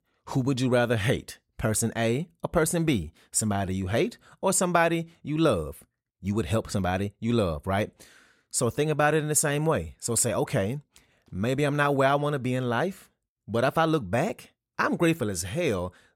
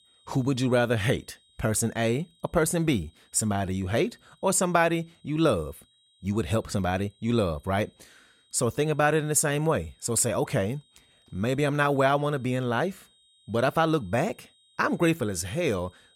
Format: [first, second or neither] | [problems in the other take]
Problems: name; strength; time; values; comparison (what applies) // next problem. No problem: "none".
first | high-pitched whine; faint; throughout; 4 kHz, 35 dB below the speech